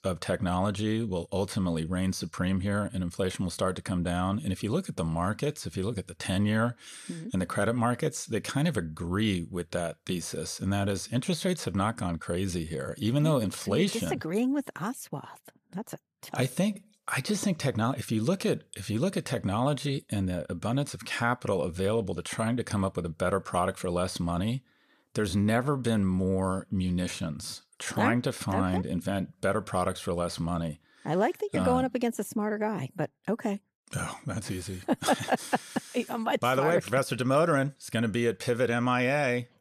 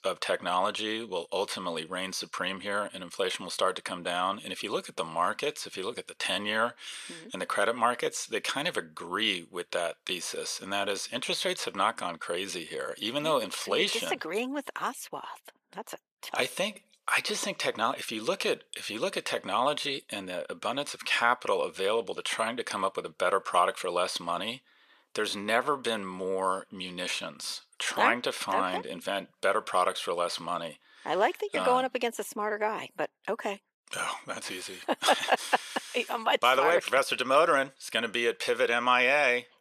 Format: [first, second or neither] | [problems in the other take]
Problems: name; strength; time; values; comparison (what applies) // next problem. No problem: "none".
first | thin; very; fading below 450 Hz